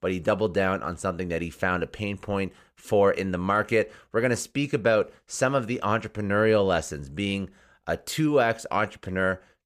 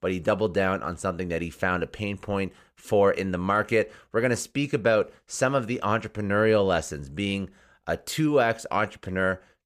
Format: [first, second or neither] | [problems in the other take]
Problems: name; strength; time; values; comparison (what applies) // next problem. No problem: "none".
neither | none